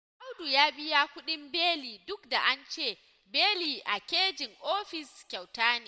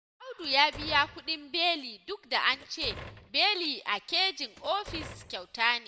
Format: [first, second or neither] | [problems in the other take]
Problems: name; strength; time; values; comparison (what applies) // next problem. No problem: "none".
first | background sound (Door); 16 dB below the speech